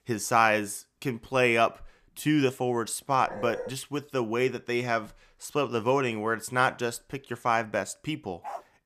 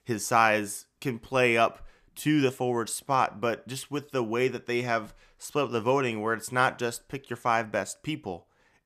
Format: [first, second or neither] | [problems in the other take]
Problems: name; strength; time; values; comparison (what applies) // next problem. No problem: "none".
second | dog barking; noticeable; at 3.5 s; peak 9 dB below the speech // dog barking; faint; at 8.5 s; peak 15 dB below the speech